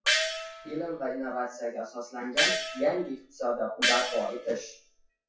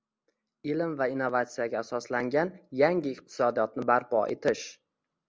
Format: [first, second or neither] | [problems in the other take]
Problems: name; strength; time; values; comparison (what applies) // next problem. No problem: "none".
second | noise reduction (classical method WPE with log-MMSE)